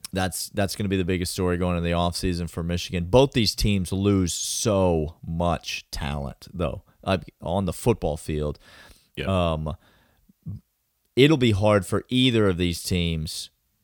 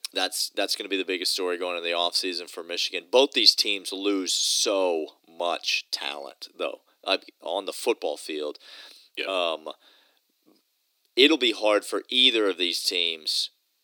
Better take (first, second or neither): first